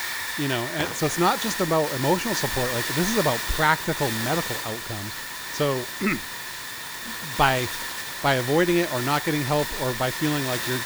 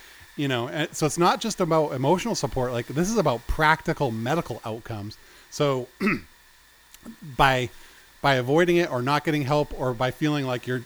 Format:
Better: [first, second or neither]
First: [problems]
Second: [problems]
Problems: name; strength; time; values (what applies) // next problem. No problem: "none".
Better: second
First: hiss; loud; throughout; 4 dB below the speech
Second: hiss; faint; throughout; 25 dB below the speech